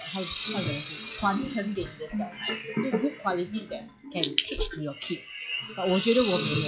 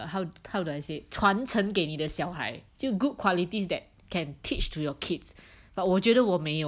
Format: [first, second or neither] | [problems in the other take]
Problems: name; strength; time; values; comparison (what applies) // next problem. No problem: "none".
second | noise reduction (classical method log-MMSE)